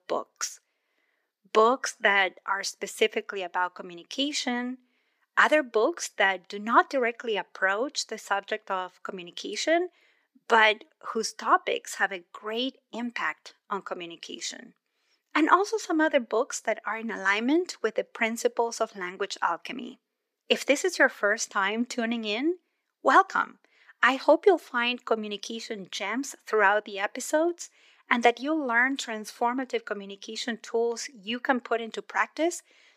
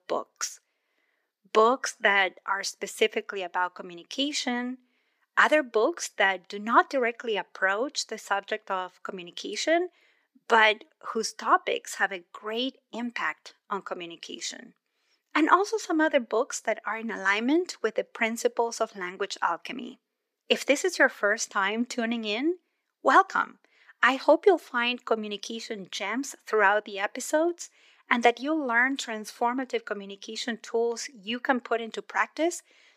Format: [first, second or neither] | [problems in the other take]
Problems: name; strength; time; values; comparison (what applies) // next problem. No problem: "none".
neither | thin; somewhat; fading below 350 Hz; the same in both